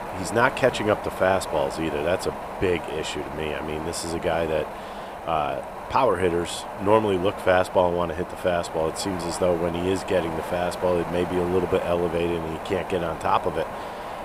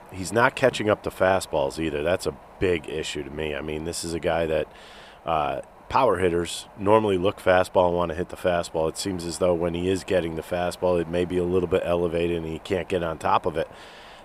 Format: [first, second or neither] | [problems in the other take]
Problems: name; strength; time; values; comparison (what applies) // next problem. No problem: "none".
second | wind noise on the microphone; heavy; 7 dB below the speech; occasional gusts in the second